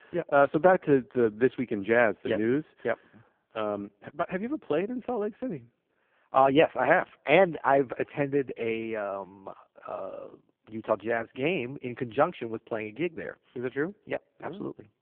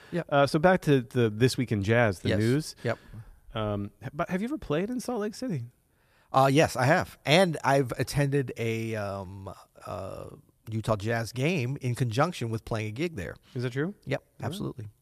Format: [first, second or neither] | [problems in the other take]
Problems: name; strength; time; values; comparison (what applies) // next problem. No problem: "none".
second | phone-call audio; poor line; nothing above 3.5 kHz